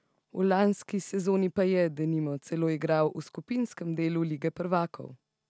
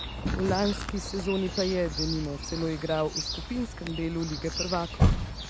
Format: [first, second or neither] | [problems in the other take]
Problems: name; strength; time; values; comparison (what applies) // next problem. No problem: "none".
first | background sound (Chirp, tweet); 1 dB below the speech